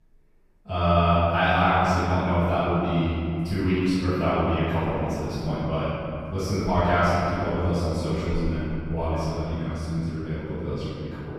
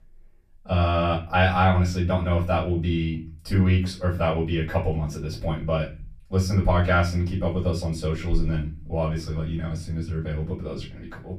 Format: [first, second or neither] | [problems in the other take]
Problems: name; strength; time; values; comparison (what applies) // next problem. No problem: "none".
second | room echo; strong; dies away in 2.8 s; slight in the second // off-mic speech; far; far in the second